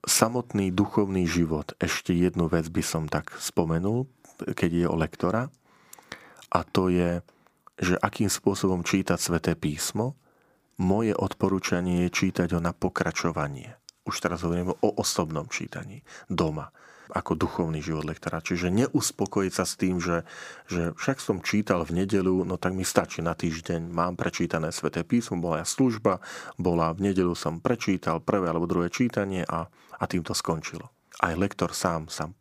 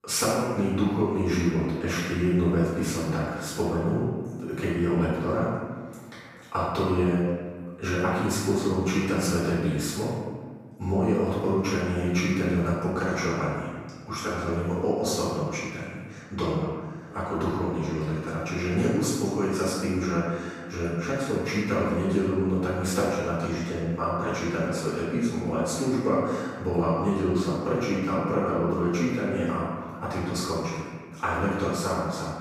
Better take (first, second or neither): first